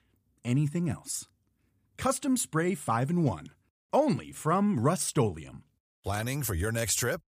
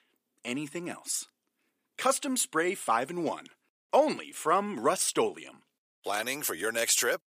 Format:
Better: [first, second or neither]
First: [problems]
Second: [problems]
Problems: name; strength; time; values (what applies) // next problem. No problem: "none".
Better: first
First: none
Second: thin; somewhat; fading below 350 Hz